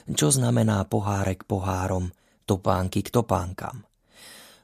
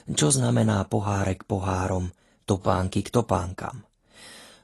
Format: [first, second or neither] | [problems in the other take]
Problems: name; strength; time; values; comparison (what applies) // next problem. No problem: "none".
first | garbled, watery; slightly